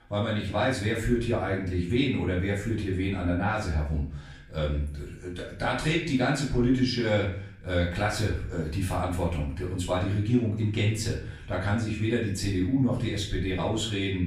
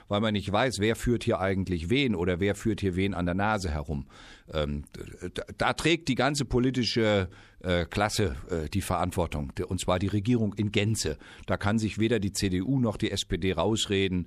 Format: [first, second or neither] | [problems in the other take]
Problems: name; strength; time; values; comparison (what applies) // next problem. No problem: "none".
second | off-mic speech; far // room echo; noticeable; dies away in 0.6 s